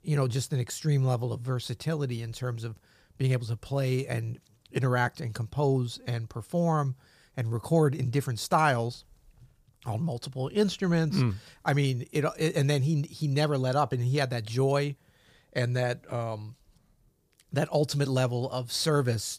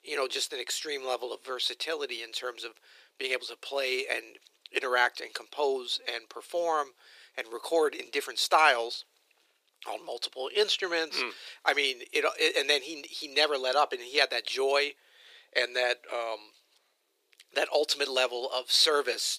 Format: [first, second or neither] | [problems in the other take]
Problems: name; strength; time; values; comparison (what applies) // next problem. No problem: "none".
first | thin; very; fading below 350 Hz